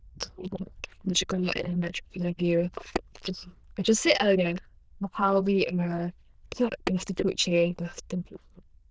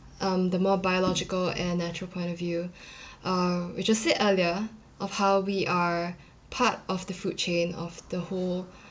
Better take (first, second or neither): second